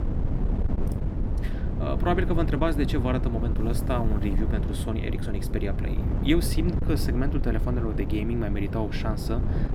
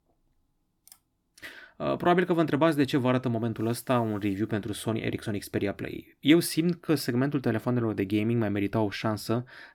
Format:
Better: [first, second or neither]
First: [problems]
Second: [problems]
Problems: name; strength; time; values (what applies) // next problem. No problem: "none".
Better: second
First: wind noise on the microphone; heavy; 7 dB below the speech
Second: none